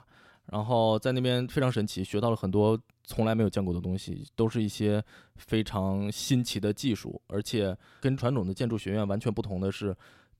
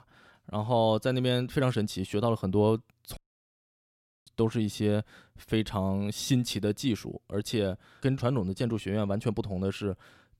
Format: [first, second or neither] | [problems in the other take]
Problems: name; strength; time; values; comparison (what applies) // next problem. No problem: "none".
first | audio cutting out; at 3 s for 1 s